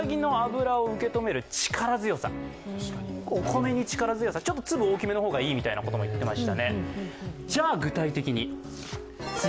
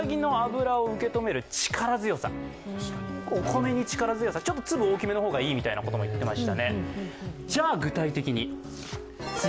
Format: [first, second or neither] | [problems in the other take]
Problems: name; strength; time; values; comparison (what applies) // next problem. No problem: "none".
first | background sound (Trumpet); 19 dB below the speech